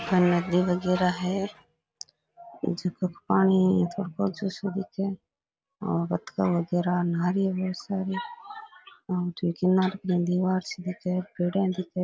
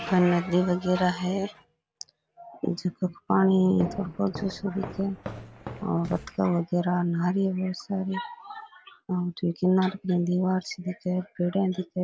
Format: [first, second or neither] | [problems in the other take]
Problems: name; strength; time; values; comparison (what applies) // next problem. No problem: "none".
first | background sound (Walk, footsteps); 14 dB below the speech